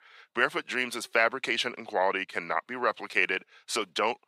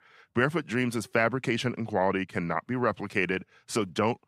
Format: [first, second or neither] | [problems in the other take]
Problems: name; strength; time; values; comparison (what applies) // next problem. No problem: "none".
second | thin; somewhat; fading below 500 Hz